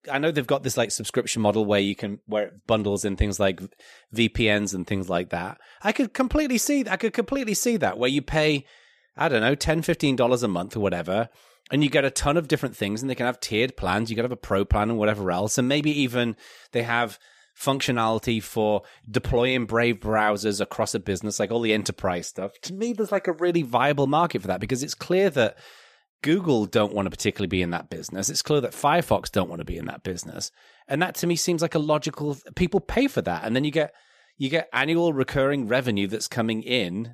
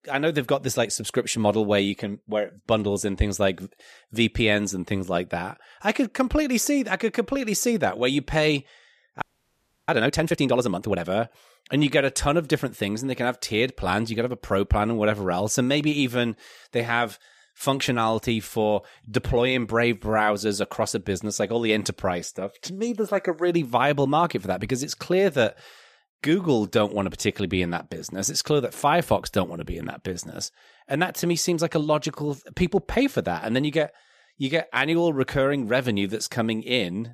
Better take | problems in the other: first | audio freezing; at 9 s for 0.5 s

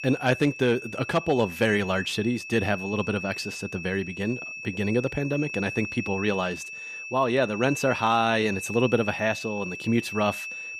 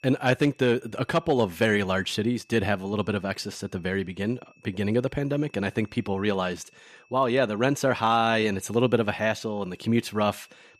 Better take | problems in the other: second | high-pitched whine; loud; throughout; 2.5 kHz, 9 dB below the speech; faint in the second

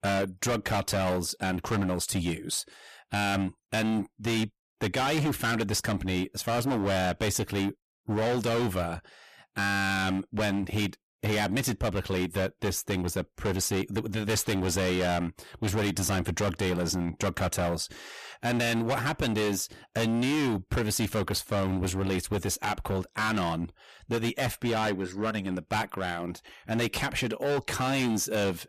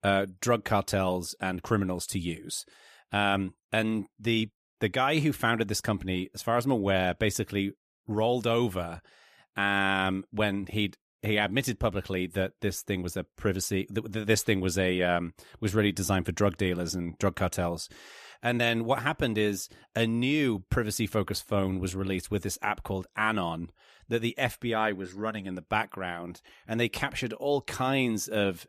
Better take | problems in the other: second | distortion; heavy; 22% of the sound clipped

